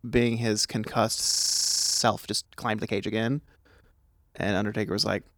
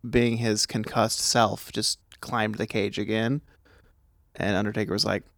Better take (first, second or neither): second